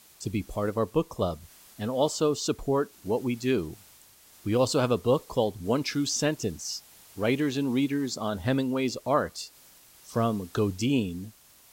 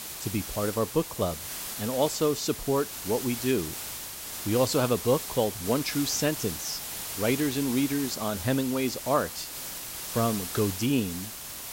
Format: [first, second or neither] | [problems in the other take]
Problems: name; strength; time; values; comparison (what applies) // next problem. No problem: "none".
first | hiss; loud; throughout; 6 dB below the speech; faint in the first